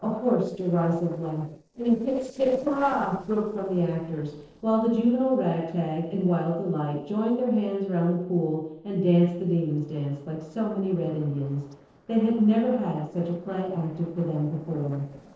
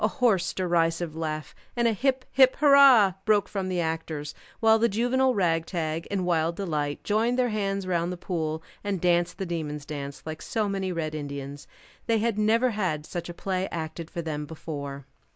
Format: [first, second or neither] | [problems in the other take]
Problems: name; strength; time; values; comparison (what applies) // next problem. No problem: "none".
second | noise reduction (neural separator model SepFormer DNS4)